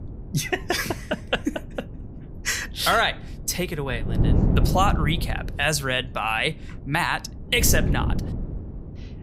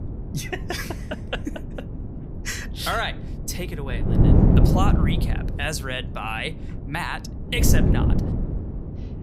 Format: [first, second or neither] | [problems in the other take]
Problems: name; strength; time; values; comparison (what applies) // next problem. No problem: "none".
first | wind noise on the microphone; heavy; 3 dB below the speech; occasional gusts in the first